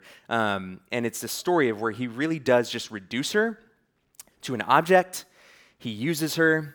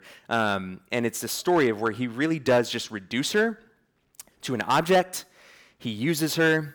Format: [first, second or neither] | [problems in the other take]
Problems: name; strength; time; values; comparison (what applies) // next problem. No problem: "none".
first | distortion; slight; 3% of the sound clipped